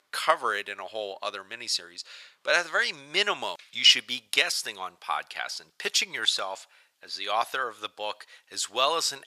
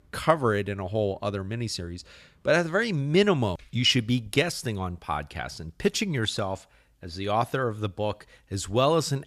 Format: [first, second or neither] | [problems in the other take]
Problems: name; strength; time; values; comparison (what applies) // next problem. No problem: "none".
second | thin; very; fading below 900 Hz